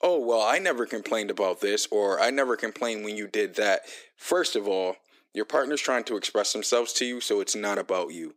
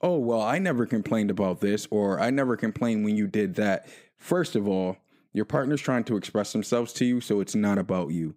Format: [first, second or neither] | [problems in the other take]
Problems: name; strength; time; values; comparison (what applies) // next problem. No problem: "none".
second | thin; very; fading below 350 Hz